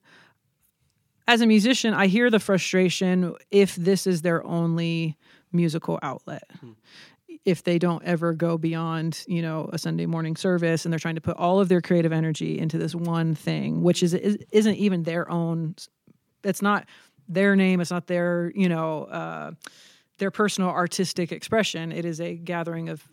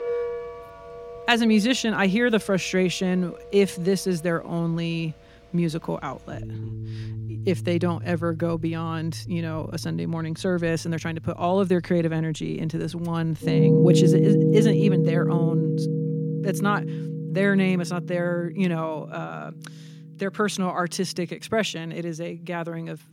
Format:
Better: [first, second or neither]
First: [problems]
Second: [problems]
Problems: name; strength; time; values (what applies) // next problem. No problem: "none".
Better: first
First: none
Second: background music; very loud; throughout; as loud as the speech